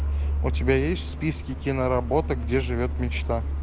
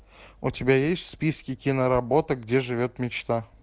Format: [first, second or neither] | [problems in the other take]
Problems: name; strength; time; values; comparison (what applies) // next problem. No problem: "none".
second | background sound (Truck); 1 dB below the speech